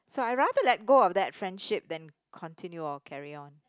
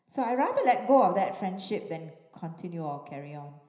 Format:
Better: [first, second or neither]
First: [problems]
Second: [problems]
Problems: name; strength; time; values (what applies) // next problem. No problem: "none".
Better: first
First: none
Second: room echo; dies away in 0.9 s